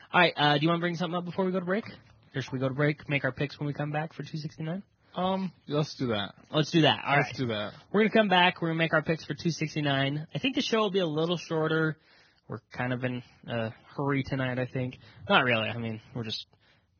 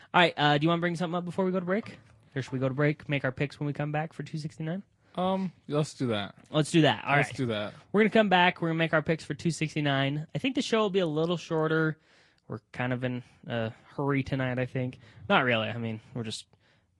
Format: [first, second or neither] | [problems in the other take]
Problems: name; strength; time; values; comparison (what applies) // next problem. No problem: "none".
second | garbled, watery; badly; nothing above 6.5 kHz; slightly in the second